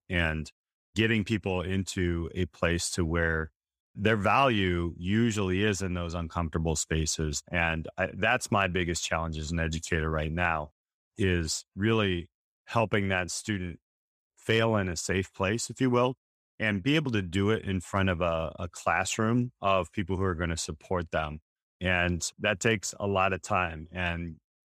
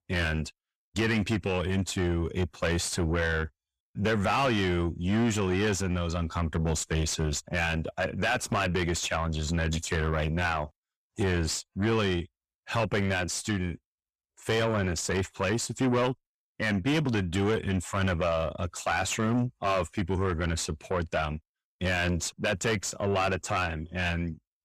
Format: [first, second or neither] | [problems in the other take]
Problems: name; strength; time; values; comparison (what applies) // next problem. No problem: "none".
first | distortion; heavy; 7 dB below the speech